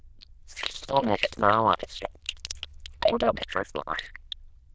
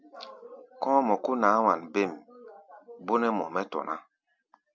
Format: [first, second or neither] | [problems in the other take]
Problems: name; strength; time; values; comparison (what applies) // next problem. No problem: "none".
second | noise reduction (neural diffusion model UNIVERSE++)